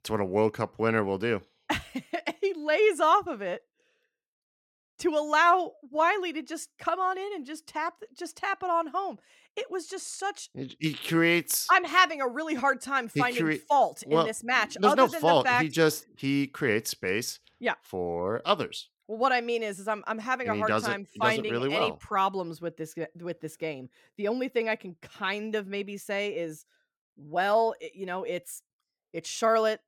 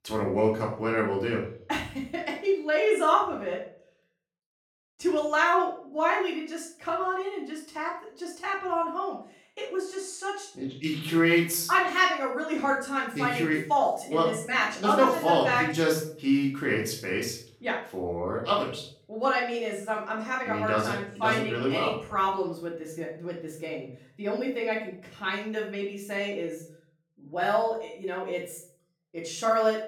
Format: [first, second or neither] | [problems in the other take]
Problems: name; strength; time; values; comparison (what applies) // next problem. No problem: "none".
first | room echo; noticeable; dies away in 0.5 s // off-mic speech; far